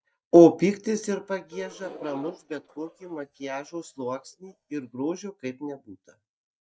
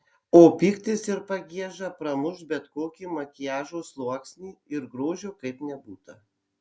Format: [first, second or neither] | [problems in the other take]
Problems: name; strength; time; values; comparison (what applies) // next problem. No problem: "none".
second | noise reduction (neural mask model DeepFilterNet 3)